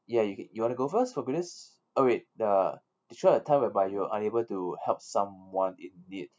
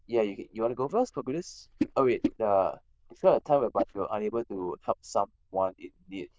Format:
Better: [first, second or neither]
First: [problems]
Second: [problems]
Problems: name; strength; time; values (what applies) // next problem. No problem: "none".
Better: first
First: none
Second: noise reduction (neural diffusion model UNIVERSE++)